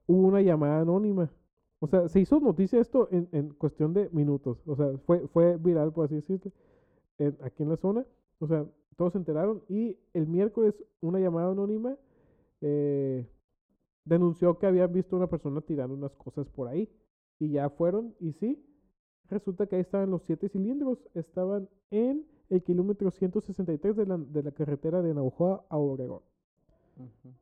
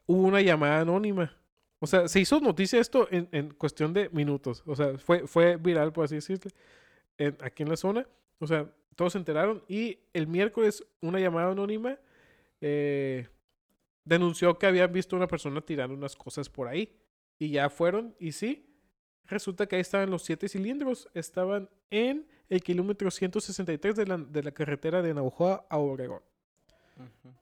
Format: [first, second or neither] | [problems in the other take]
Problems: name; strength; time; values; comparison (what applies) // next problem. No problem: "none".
second | muffled; very; fading above 1 kHz